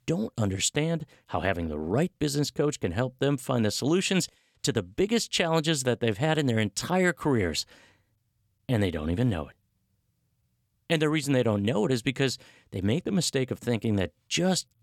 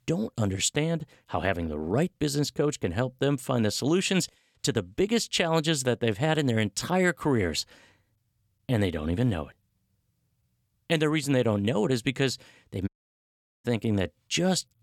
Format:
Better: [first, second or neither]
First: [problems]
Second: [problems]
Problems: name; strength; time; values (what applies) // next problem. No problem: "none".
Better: first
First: none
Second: audio cutting out; at 13 s for 1 s